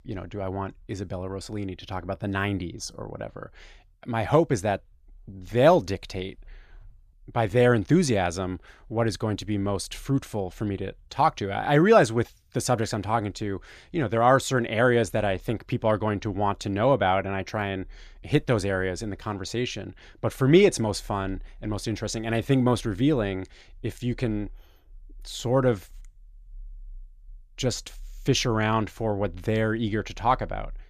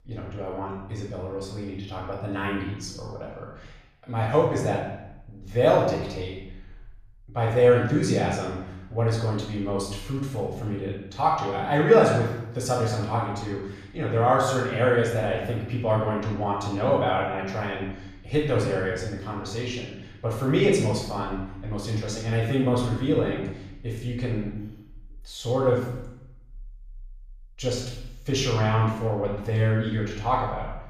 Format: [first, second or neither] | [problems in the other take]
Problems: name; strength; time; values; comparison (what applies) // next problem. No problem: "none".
first | off-mic speech; far // room echo; noticeable; dies away in 0.8 s